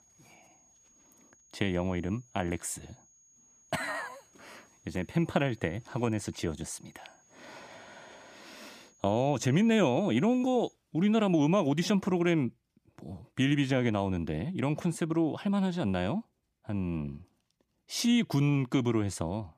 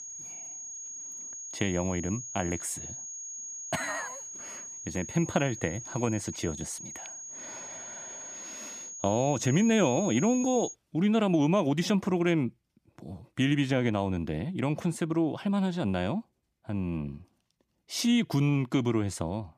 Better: first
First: high-pitched whine; faint; until 11 s; 6.5 kHz, 30 dB below the speech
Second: high-pitched whine; loud; until 11 s; 6.5 kHz, 9 dB below the speech

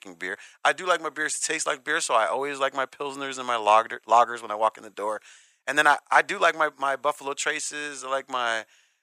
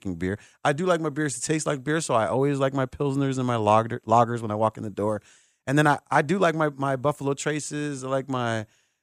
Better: second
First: thin; very; fading below 700 Hz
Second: none

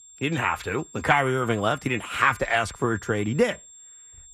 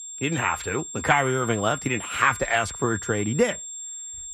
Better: first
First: high-pitched whine; faint; throughout; 7.5 kHz, 20 dB below the speech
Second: high-pitched whine; loud; throughout; 7.5 kHz, 10 dB below the speech

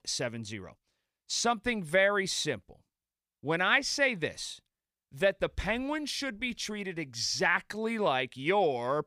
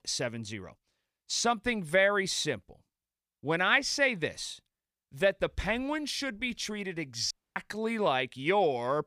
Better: first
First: none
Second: audio cutting out; at 7.5 s

